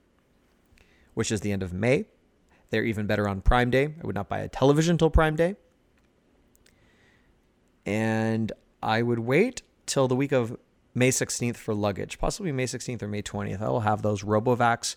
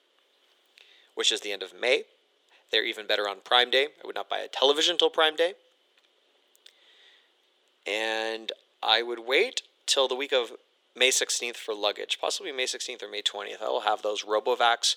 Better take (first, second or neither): first